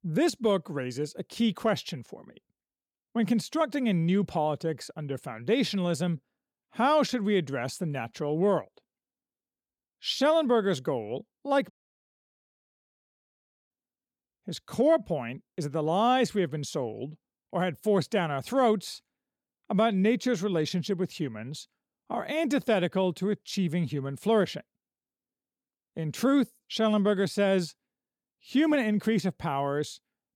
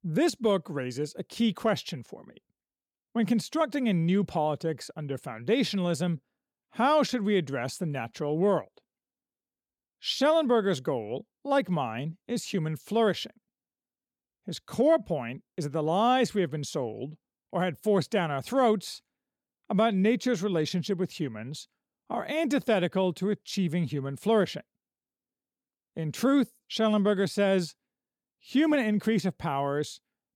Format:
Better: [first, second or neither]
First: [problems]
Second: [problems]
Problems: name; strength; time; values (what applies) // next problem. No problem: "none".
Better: second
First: audio cutting out; at 12 s for 2 s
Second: none